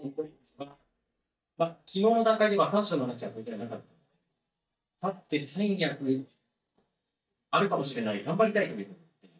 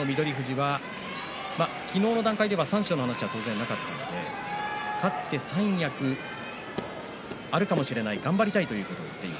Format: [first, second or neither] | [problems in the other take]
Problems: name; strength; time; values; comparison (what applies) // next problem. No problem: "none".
second | noise reduction (neural mask model DeepFilterNet 3)